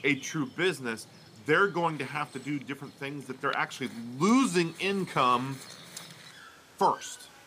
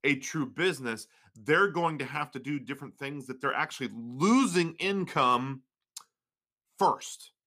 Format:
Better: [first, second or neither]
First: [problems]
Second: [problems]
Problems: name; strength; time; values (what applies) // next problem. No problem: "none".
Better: second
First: animal sounds; noticeable; throughout; 20 dB below the speech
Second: none